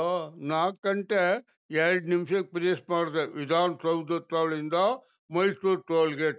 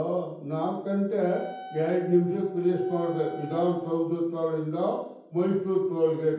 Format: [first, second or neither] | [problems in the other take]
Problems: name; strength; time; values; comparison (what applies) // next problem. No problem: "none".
first | background sound (Wind instrument, woodwind instrument); 16 dB below the speech // room echo; dies away in 0.9 s